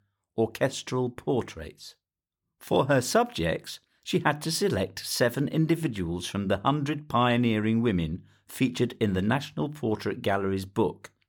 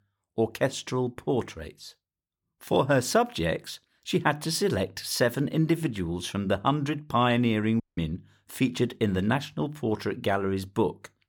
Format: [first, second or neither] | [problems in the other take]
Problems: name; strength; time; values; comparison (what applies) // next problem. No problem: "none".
first | audio cutting out; at 8 s